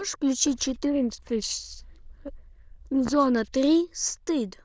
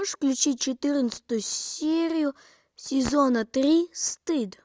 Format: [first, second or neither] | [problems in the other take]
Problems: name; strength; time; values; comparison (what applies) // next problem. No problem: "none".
second | noise reduction (neural diffusion model UNIVERSE++)